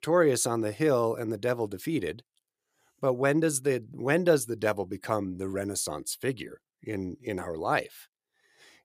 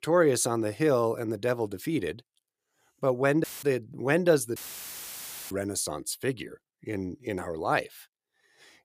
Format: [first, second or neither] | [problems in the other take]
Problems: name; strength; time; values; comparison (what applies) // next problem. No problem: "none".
first | audio cutting out; filled with static; at 3.5 s and at 4.5 s for 1 s